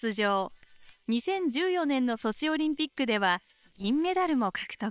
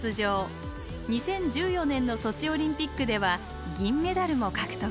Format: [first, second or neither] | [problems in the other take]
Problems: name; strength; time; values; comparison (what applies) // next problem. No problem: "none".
second | noise reduction (neural separator model SepFormer WHAM!)